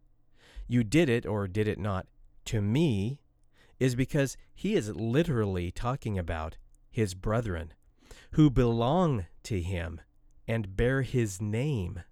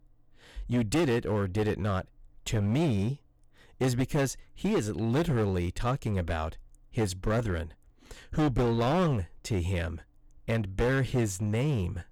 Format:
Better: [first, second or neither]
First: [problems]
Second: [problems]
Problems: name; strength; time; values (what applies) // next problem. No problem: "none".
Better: first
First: none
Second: distortion; heavy; 11% of the sound clipped